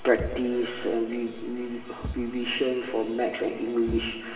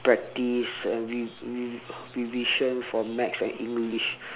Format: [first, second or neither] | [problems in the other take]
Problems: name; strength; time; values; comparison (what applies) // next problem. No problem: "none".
second | background sound (Thump, thud); 13 dB below the speech // room echo; dies away in 2.6 s